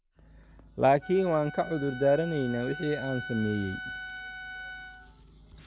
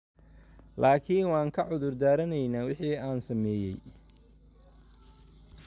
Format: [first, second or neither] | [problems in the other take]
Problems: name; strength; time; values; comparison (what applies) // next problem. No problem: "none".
second | background sound (Wind instrument, woodwind instrument); 12 dB below the speech